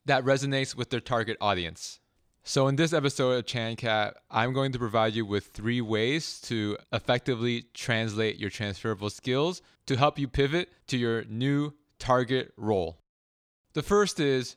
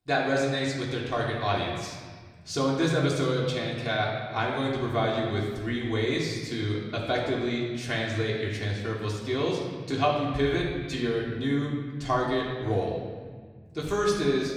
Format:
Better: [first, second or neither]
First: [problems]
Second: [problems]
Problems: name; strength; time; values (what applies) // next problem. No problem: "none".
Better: first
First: none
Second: room echo; noticeable; dies away in 1.6 s // off-mic speech; far